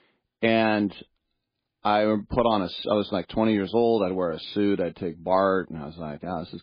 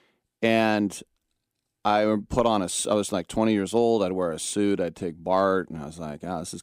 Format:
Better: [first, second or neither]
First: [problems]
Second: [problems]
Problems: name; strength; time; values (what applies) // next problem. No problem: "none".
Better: second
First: garbled, watery; badly; nothing above 4 kHz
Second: none